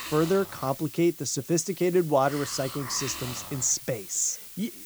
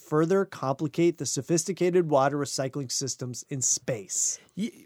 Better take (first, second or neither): second